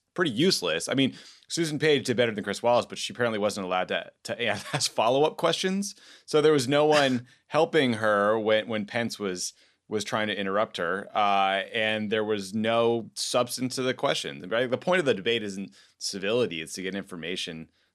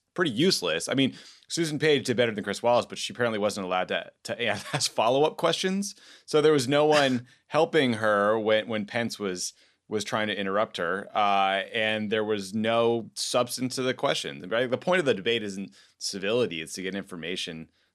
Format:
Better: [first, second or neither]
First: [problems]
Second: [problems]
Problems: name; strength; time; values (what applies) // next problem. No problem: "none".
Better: neither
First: none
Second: none